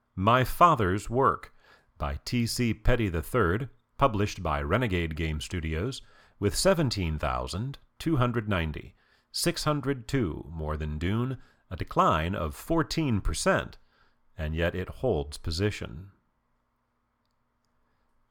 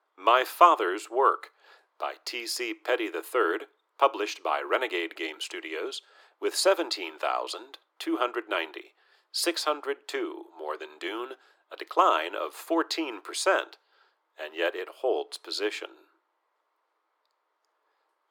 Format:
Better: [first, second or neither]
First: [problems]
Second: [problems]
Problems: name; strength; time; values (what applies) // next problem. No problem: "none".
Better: first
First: none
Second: thin; very; fading below 300 Hz